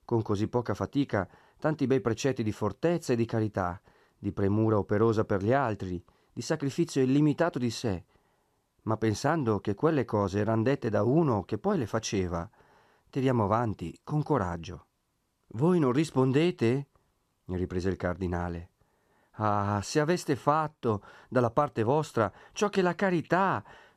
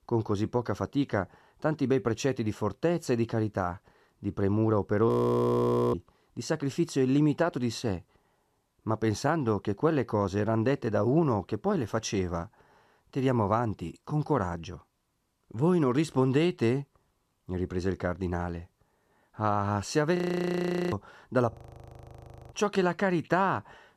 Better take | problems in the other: first | audio freezing; at 5 s for 1 s, at 20 s for 1 s and at 22 s for 1 s

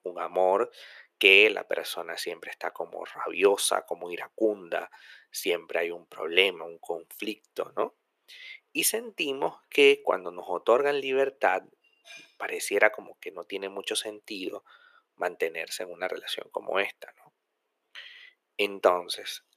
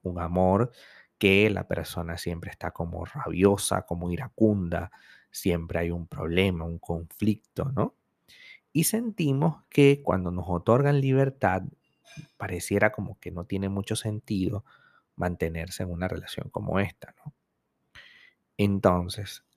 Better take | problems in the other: second | thin; very; fading below 400 Hz

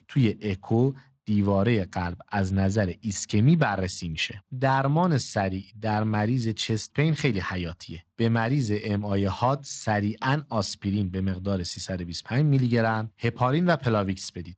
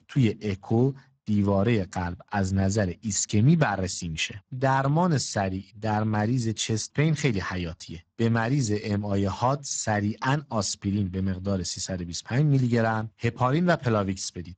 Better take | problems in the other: first | garbled, watery; badly; nothing above 7.5 kHz; slightly in the first

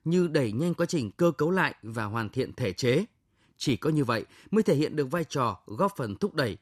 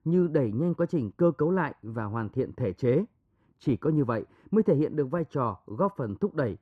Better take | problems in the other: first | muffled; very; fading above 2 kHz

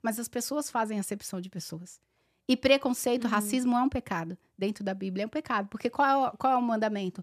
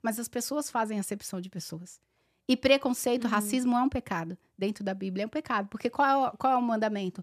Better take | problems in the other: neither | none

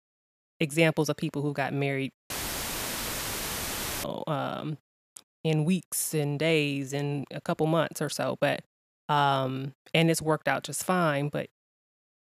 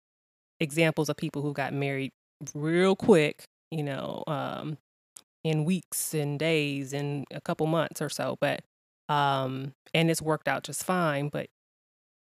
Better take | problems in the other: second | audio cutting out; filled with static; at 2.5 s for 1.5 s

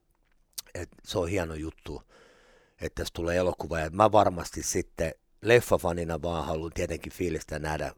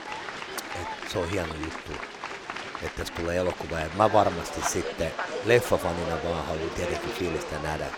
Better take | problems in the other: first | crowd noise; loud; throughout; 6 dB below the speech

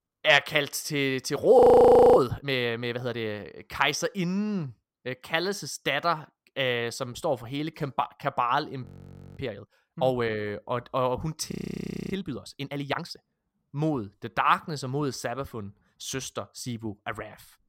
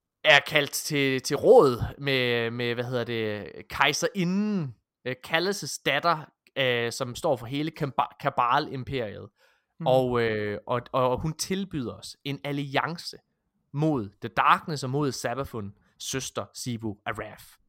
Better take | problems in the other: second | audio freezing; at 1.5 s for 0.5 s, at 9 s for 0.5 s and at 12 s for 0.5 s

